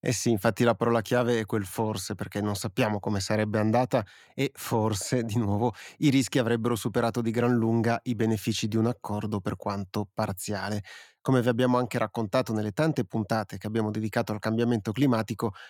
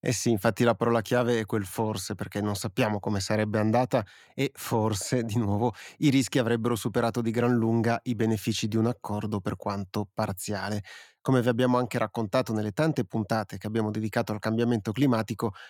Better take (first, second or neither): neither